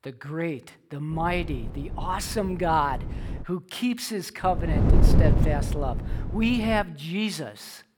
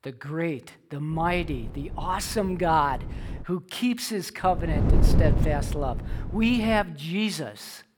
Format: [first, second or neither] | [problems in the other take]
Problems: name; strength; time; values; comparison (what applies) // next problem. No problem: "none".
second | wind noise on the microphone; heavy; from 1 to 3.5 s and from 4.5 to 7 s; 9 dB below the speech; occasional gusts in the second